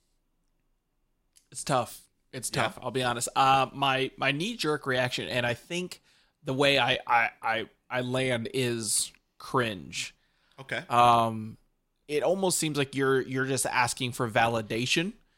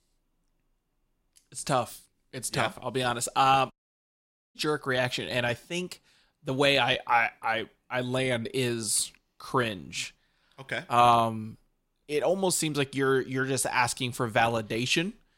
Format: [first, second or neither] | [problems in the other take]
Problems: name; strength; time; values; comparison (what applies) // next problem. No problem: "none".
first | audio cutting out; at 3.5 s for 1 s